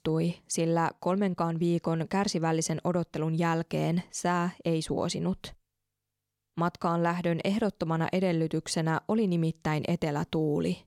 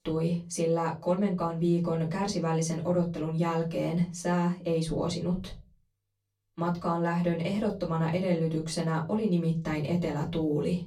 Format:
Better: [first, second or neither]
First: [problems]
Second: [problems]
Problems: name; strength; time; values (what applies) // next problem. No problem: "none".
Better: first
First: none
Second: off-mic speech; far // room echo; very slight; dies away in 0.3 s